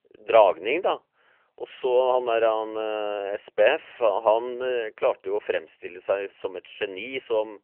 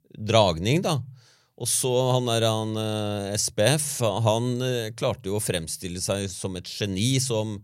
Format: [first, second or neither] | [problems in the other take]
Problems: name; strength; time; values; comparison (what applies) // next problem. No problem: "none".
second | phone-call audio; nothing above 3 kHz